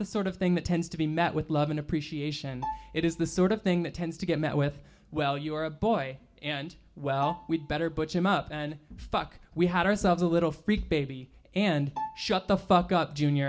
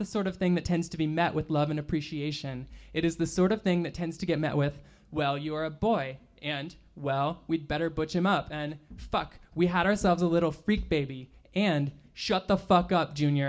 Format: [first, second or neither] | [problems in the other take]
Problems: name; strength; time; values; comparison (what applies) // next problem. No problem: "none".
second | background sound (Bowed string instrument); 14 dB below the speech